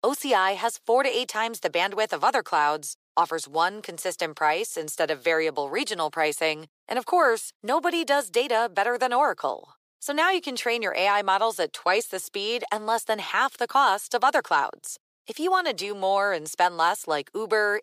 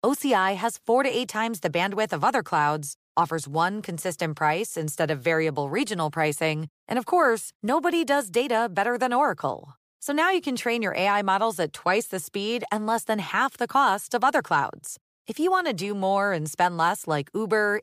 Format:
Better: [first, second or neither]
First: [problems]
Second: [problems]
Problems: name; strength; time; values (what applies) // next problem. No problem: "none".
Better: second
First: thin; somewhat; fading below 450 Hz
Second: none